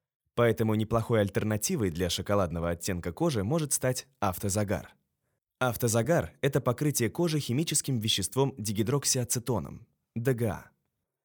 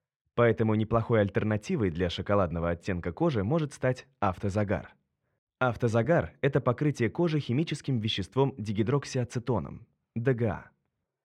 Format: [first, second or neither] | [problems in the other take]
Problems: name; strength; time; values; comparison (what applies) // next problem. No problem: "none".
first | muffled; very; fading above 2.5 kHz